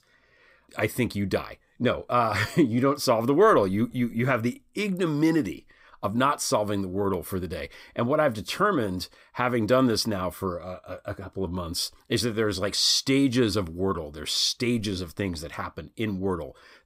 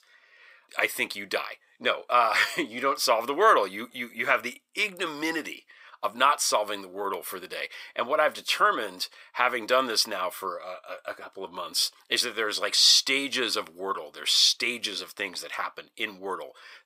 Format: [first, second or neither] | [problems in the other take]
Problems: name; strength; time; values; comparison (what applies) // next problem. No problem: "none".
first | thin; very; fading below 650 Hz